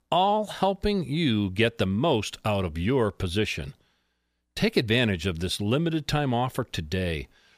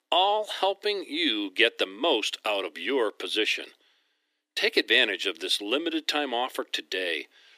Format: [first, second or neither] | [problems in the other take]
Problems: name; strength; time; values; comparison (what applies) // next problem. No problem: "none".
first | thin; somewhat; fading below 300 Hz